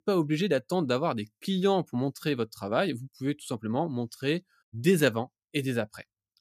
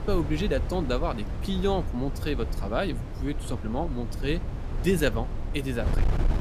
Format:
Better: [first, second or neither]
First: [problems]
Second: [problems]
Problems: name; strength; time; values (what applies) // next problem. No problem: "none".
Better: first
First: none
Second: wind noise on the microphone; occasional gusts; 10 dB below the speech